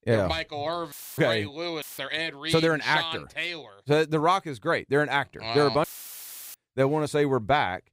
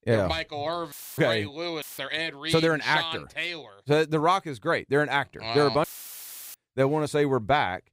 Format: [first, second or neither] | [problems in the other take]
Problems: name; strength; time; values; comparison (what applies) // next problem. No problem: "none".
neither | audio cutting out; filled with static; at 1 s, at 2 s and at 6 s for 0.5 s; the same in both